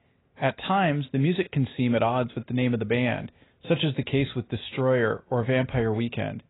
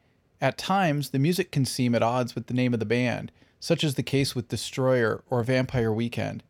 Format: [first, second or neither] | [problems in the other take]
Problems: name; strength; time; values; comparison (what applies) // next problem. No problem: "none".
second | garbled, watery; badly; nothing above 4 kHz